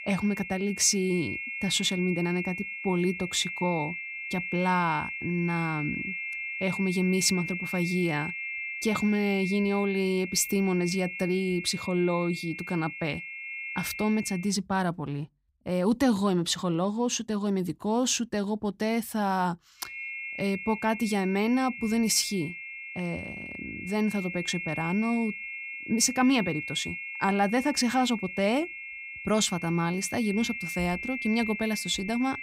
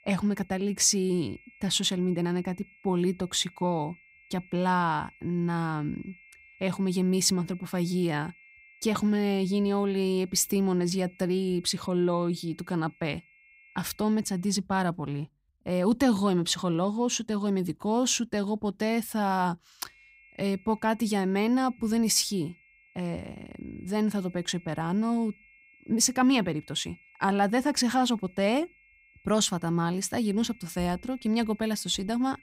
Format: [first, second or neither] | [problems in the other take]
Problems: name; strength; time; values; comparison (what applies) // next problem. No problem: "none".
second | high-pitched whine; loud; until 14 s and from 20 s on; 2 kHz, 7 dB below the speech; faint in the second